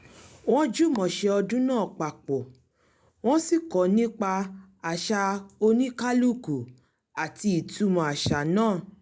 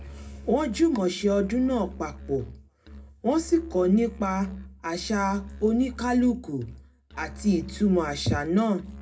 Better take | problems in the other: first | background sound (Musical instrument); 16 dB below the speech // room echo; dies away in 0.2 s

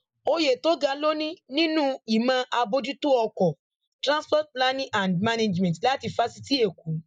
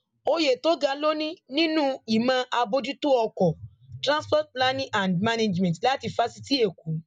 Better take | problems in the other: second | noise reduction (neural mask model Resemble Enhance denoiser)

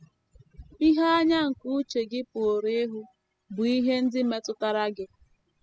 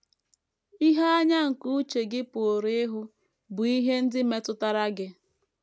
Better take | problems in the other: second | noise reduction (classical method spectral subtraction)

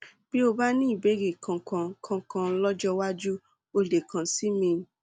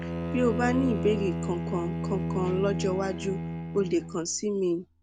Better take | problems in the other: first | background sound (Bowed string instrument); 3 dB below the speech

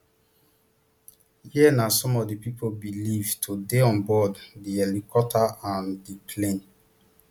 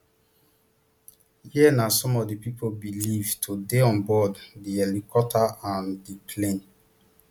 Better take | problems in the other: first | background sound (Scissors); 14 dB below the speech

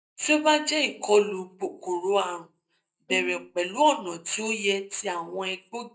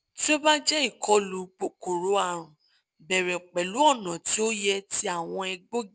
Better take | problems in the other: second | noise reduction (neural mask model DeepFilterNet 3)

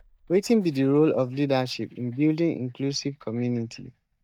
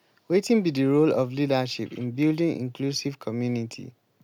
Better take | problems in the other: second | noise reduction (neural mask model DeepFilterNet 3)

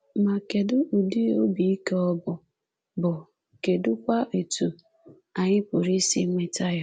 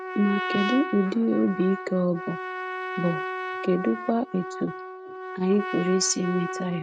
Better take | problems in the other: first | noise reduction (neural mask model RNNoise)

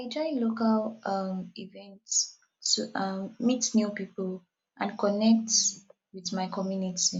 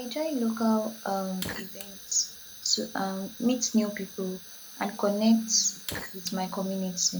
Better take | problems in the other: first | background sound (Fire); 13 dB below the speech

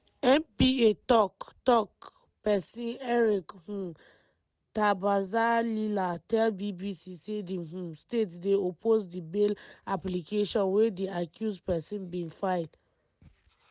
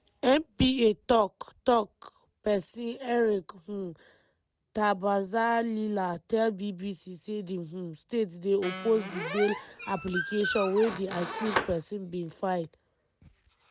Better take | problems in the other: first | background sound (Squeak); 6 dB below the speech

